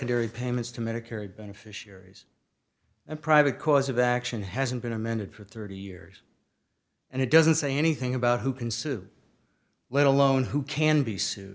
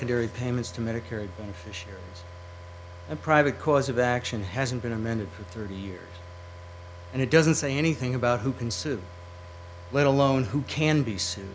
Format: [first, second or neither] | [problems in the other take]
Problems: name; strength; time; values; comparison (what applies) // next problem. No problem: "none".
first | background sound (Car); 15 dB below the speech